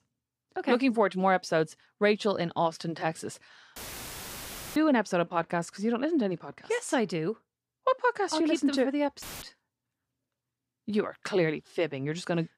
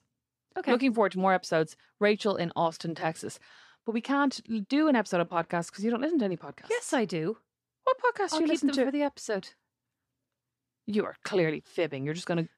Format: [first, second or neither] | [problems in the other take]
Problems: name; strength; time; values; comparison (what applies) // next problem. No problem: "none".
second | audio cutting out; filled with static; at 4 s for 1 s and at 9 s